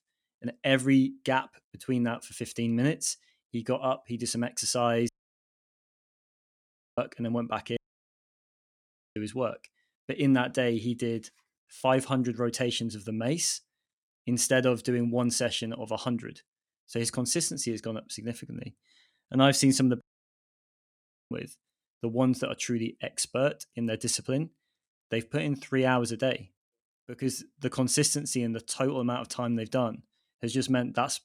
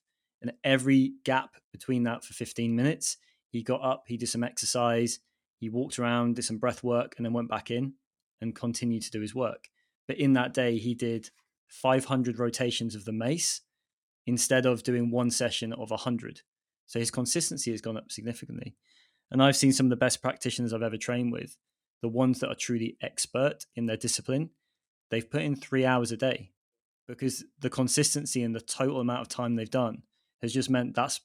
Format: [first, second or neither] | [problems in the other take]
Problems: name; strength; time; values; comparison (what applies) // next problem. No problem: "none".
second | audio cutting out; at 5 s for 2 s, at 8 s for 1.5 s and at 20 s for 1.5 s